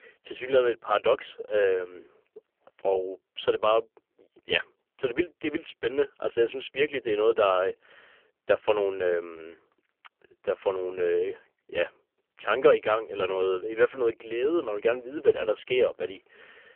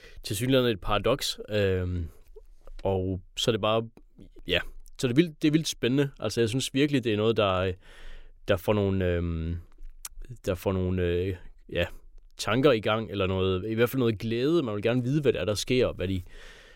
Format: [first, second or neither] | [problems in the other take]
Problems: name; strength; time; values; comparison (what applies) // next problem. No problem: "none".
second | phone-call audio; poor line; nothing above 3 kHz